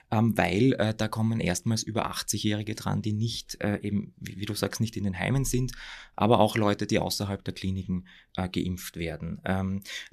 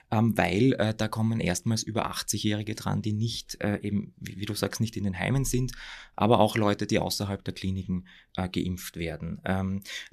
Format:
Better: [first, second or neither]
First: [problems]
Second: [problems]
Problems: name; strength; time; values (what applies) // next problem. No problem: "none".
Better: neither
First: none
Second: none